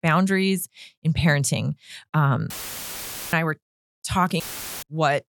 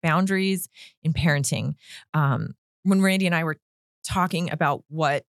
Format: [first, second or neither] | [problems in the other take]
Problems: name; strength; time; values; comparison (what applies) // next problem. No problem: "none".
second | audio cutting out; filled with static; at 2.5 s for 1 s and at 4.5 s